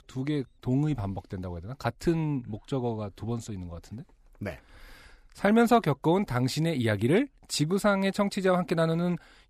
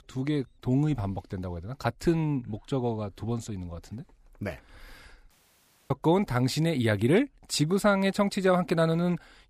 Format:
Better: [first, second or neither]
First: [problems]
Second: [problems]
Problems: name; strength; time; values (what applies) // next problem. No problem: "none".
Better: first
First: none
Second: audio cutting out; at 5.5 s for 0.5 s